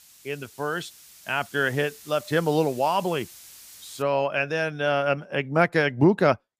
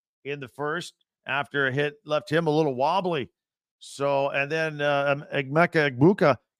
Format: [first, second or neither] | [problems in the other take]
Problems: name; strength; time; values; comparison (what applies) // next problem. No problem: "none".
second | hiss; faint; until 4 s; 20 dB below the speech